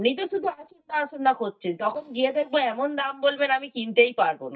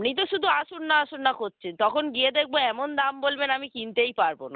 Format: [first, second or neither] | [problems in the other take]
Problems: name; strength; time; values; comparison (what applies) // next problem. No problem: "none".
second | noise reduction (neural mask model DeepFilterNet 3)